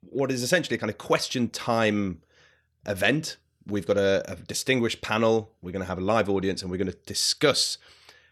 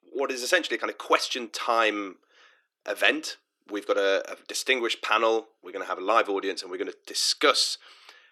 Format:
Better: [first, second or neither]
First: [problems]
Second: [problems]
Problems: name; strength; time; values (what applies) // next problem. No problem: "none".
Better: first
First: none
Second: thin; somewhat; fading below 300 Hz